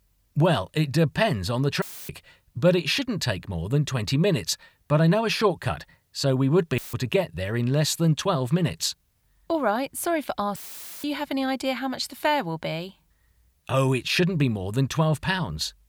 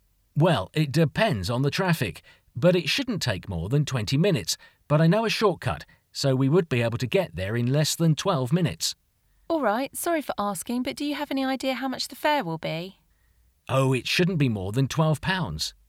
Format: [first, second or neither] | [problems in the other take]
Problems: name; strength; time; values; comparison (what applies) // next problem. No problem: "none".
second | audio cutting out; filled with static; at 2 s, at 7 s and at 11 s